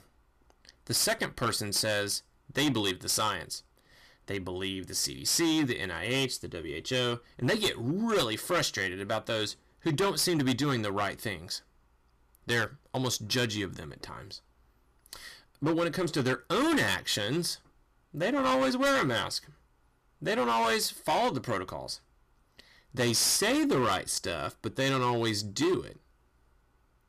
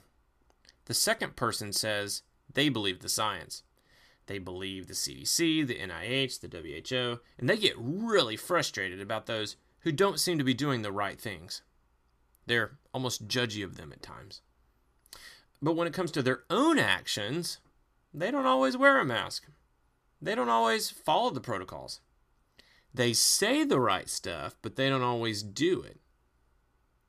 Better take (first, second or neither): second